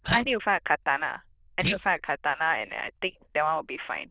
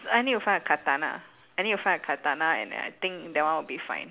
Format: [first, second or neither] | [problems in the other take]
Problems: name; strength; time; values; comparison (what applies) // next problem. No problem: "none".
second | noise reduction (neural diffusion model UNIVERSE++)